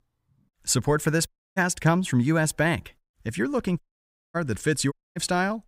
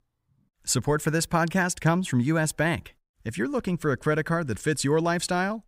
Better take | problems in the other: second | audio cutting out; at 1.5 s, at 4 s for 0.5 s and at 5 s

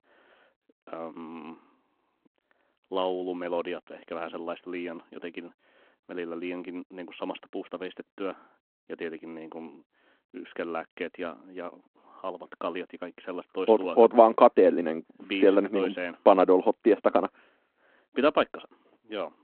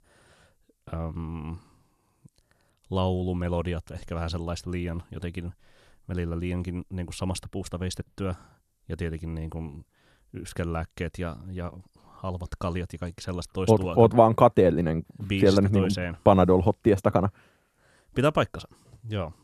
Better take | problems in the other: second | phone-call audio

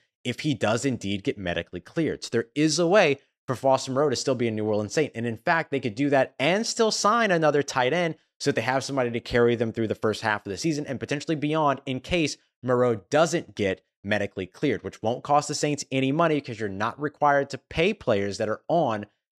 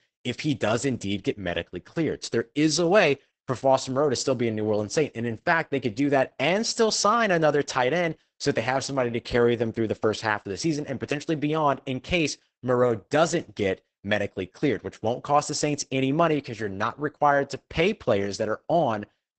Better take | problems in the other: first | garbled, watery; badly; nothing above 8 kHz

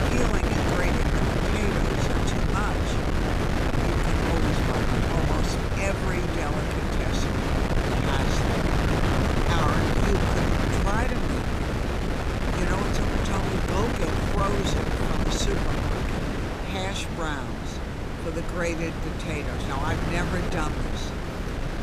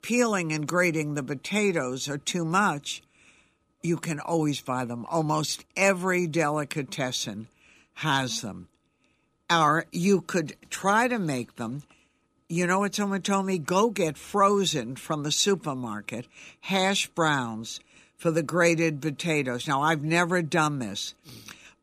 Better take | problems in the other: second | wind noise on the microphone; heavy; 3 dB above the speech

